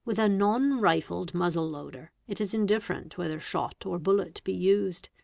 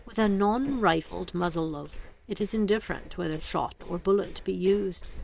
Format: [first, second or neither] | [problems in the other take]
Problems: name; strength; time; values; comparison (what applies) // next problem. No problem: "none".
first | noise reduction (neural separator model SepFormer WHAM!)